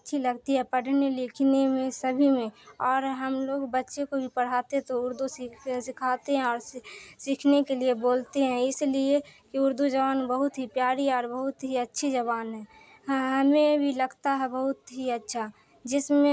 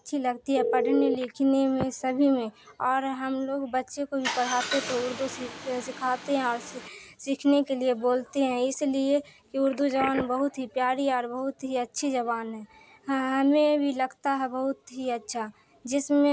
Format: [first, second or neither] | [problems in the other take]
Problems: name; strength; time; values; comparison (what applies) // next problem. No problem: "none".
first | background sound (Car + Telephone); 11 dB below the speech